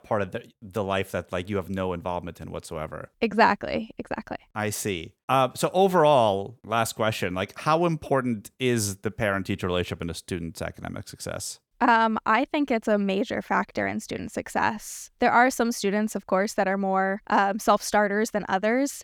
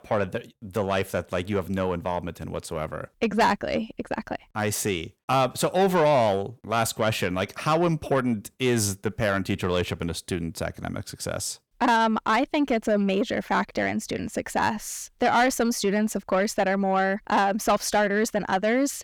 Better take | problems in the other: first | distortion; slight; 10 dB below the speech

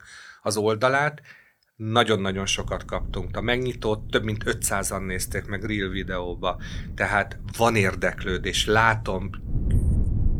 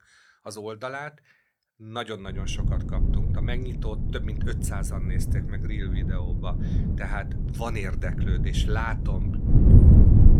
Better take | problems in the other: first | wind noise on the microphone; heavy; from 2.5 s on; as loud as the speech; occasional gusts in the first

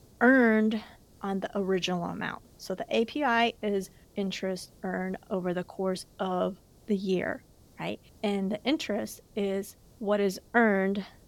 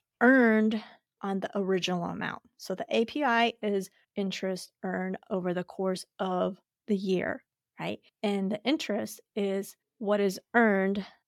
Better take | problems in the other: second | hiss; faint; throughout; 30 dB below the speech

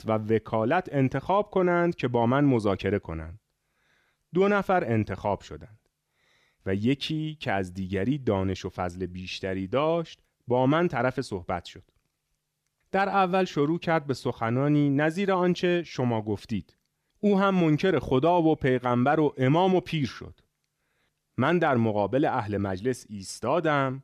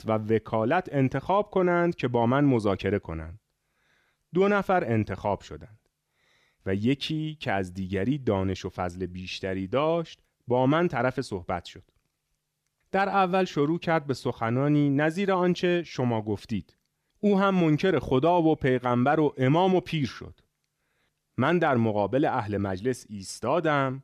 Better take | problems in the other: neither | none

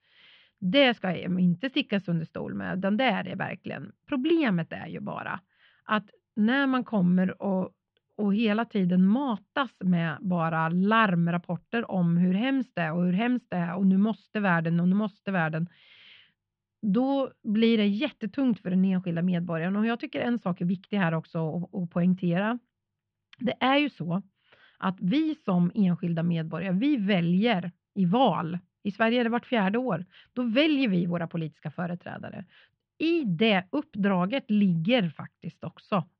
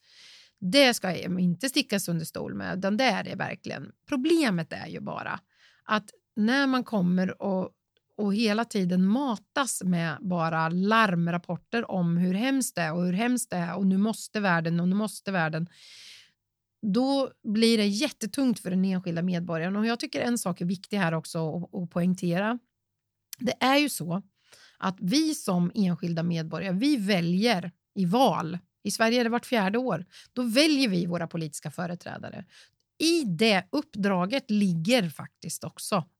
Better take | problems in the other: second | muffled; very; fading above 3 kHz

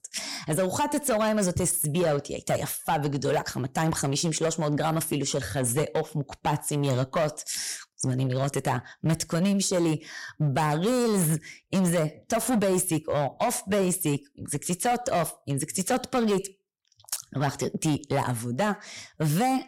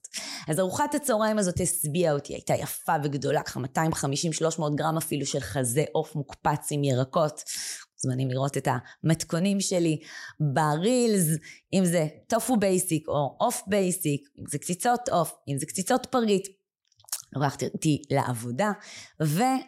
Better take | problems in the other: second | distortion; slight; 10% of the sound clipped

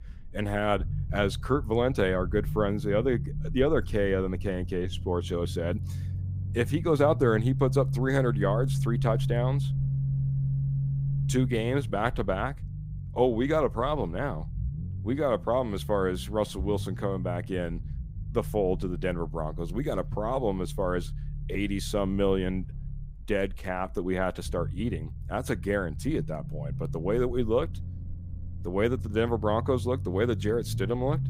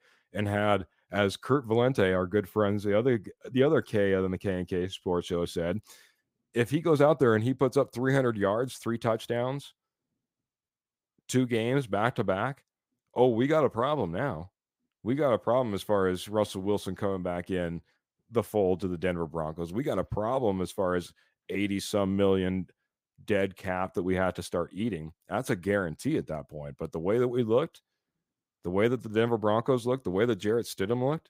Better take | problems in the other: second | low rumble; noticeable; throughout; 15 dB below the speech

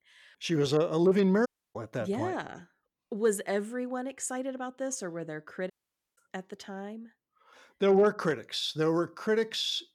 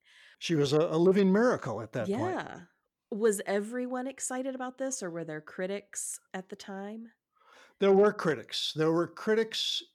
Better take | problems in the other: second | audio cutting out; at 1.5 s and at 5.5 s

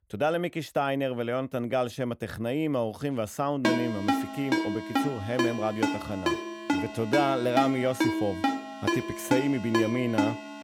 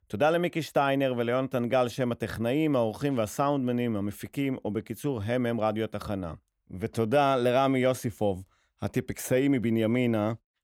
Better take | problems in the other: second | phone ringing; loud; from 3.5 s on; peak 2 dB above the speech

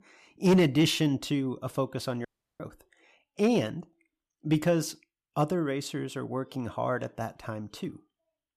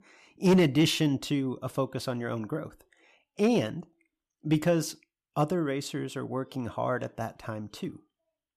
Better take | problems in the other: second | audio cutting out; at 2.5 s

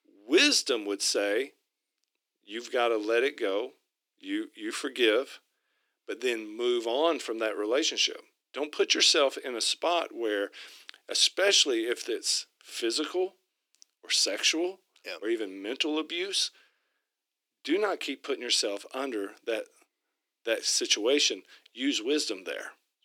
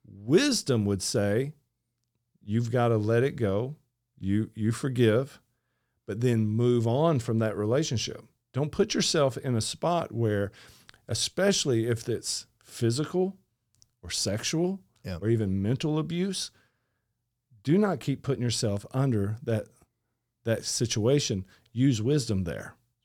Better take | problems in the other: second | thin; somewhat; fading below 300 Hz

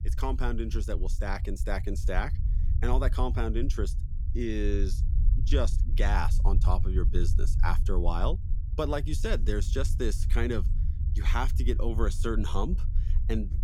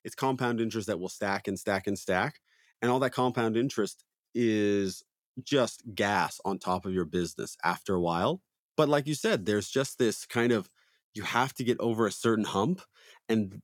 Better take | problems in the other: second | low rumble; noticeable; throughout; 15 dB below the speech

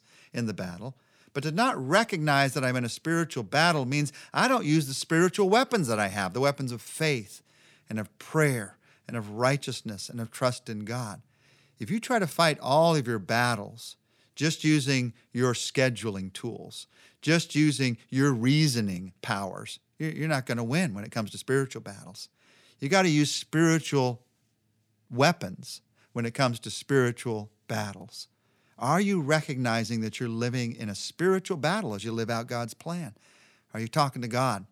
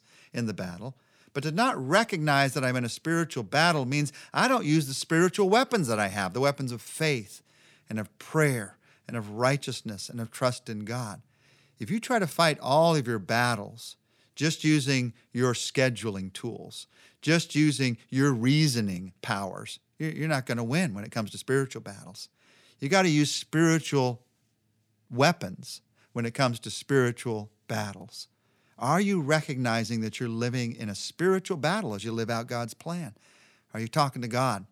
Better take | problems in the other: neither | none

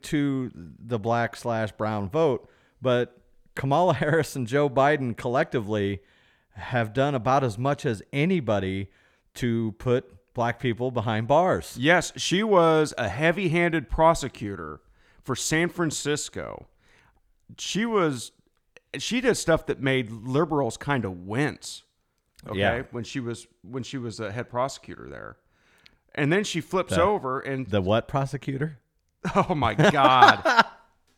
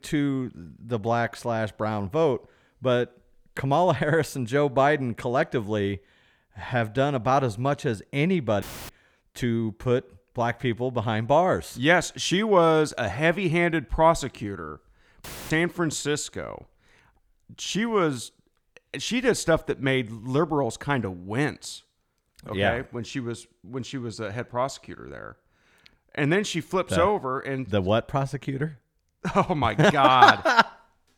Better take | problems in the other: first | audio cutting out; filled with static; at 8.5 s and at 15 s

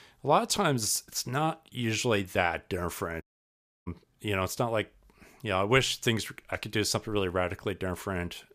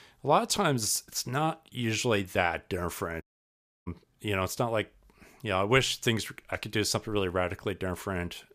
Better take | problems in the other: neither | audio cutting out; at 3 s for 0.5 s; the same in both

